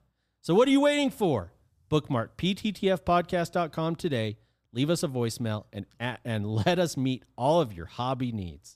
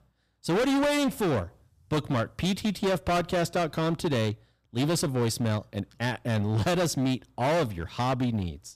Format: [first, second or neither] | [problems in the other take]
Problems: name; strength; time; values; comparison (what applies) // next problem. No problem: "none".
first | distortion; heavy; 20% of the sound clipped